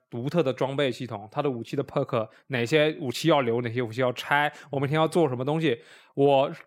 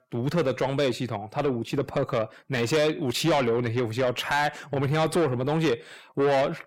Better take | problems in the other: first | distortion; heavy; 7 dB below the speech

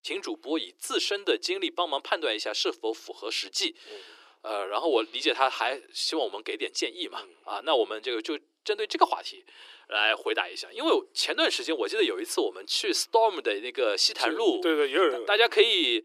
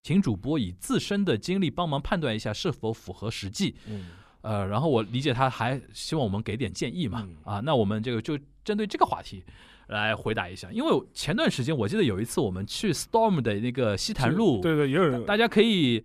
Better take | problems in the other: second | thin; very; fading below 300 Hz

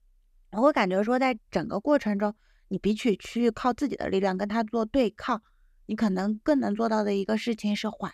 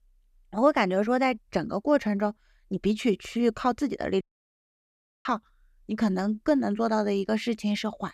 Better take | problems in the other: first | audio cutting out; at 4 s for 1 s

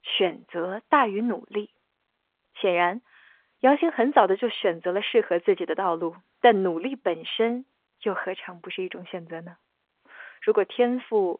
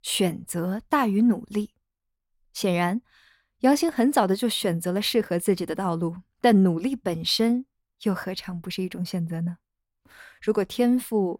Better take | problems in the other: second | phone-call audio; nothing above 3.5 kHz

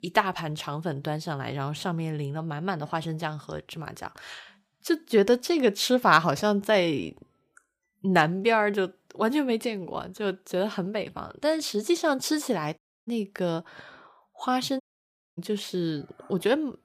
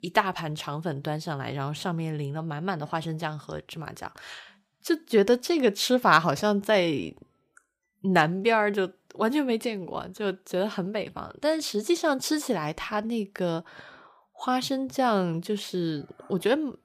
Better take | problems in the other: second | audio cutting out; at 13 s and at 15 s for 0.5 s

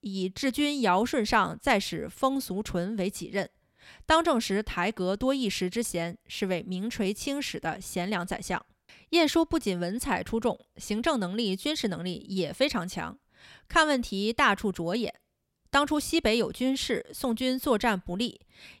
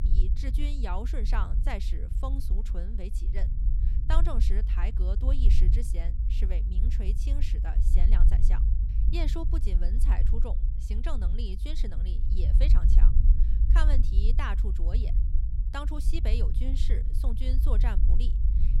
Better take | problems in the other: first | low rumble; loud; throughout; 7 dB below the speech

